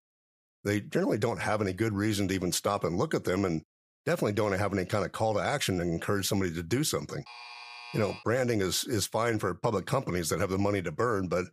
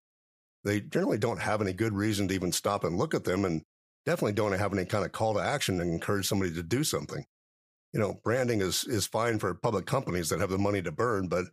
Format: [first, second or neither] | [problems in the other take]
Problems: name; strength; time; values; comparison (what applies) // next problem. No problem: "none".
second | alarm; faint; at 7.5 s; peak 15 dB below the speech